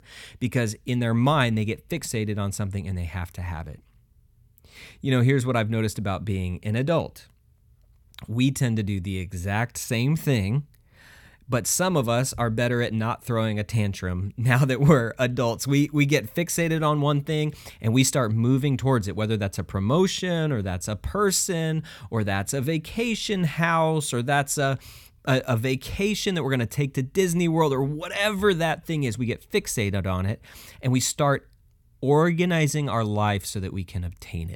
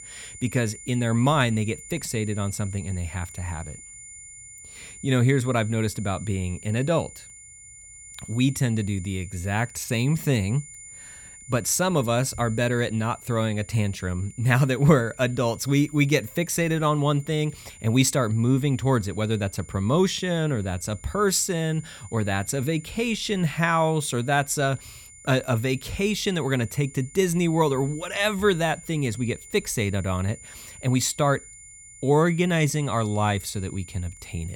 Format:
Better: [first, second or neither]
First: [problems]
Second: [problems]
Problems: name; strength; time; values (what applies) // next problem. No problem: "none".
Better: first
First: none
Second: high-pitched whine; noticeable; throughout; 7 kHz, 20 dB below the speech